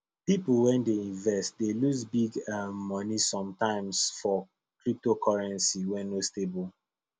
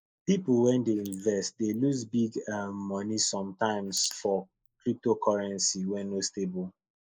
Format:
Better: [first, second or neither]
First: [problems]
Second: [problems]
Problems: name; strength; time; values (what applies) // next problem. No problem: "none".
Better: first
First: none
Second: noise reduction (neural mask model Resemble Enhance denoiser)